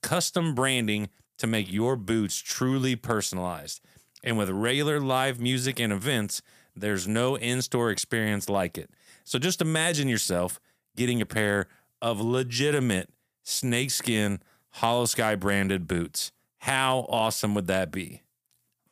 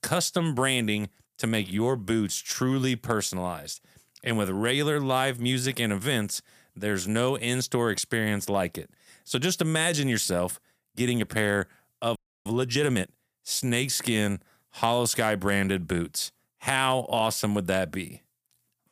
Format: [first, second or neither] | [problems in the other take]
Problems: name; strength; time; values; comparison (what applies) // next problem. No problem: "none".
first | audio freezing; at 12 s